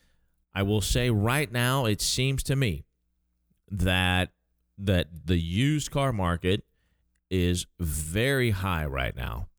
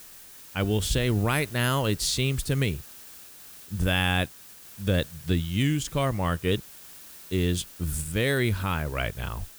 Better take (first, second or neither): first